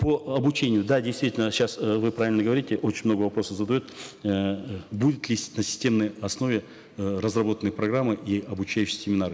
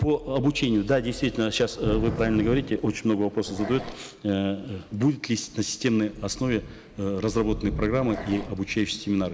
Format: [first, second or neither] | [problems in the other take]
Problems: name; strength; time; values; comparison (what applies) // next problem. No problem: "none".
first | background sound (Growling + Thunder / Rain); 12 dB below the speech